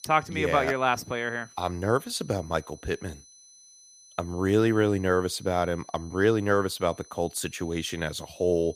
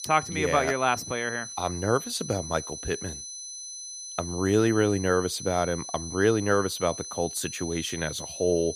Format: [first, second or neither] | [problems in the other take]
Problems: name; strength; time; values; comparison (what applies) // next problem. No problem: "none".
first | high-pitched whine; loud; throughout; 6 kHz, 9 dB below the speech; faint in the first